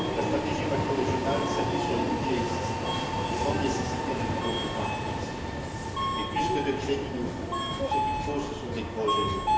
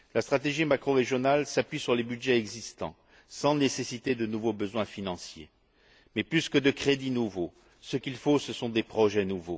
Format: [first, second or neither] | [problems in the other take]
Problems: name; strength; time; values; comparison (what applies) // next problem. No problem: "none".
second | background sound (Subway, metro, underground); 5 dB above the speech // room echo; dies away in 1 s